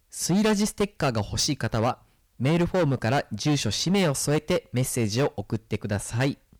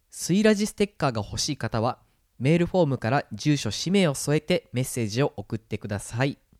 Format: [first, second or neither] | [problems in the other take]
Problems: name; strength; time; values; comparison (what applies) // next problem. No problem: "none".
second | distortion; heavy; 11% of the sound clipped